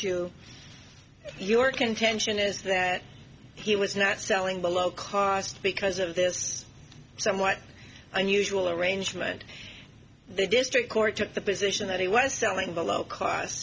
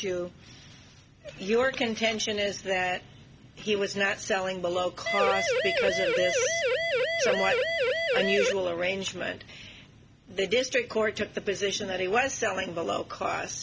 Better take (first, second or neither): first